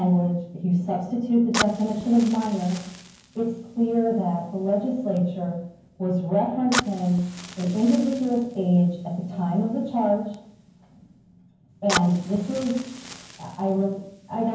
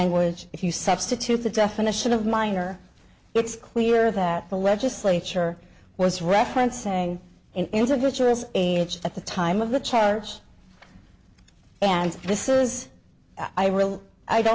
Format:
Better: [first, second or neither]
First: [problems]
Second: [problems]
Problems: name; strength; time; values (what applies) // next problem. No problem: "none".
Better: second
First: background sound (Fire); 13 dB below the speech // room echo; dies away in 0.9 s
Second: none